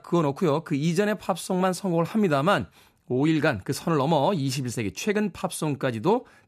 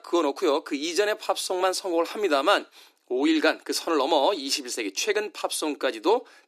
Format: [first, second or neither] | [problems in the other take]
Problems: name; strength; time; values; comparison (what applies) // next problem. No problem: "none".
first | thin; somewhat; fading below 300 Hz